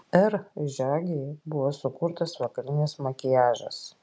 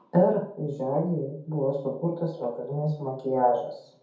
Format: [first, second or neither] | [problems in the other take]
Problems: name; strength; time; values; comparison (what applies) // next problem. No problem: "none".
first | room echo; dies away in 0.6 s